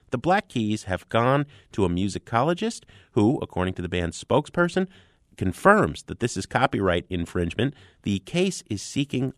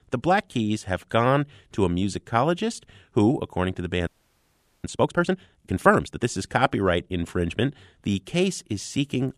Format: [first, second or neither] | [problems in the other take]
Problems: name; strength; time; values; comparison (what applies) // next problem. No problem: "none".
first | audio freezing; at 4 s for 1 s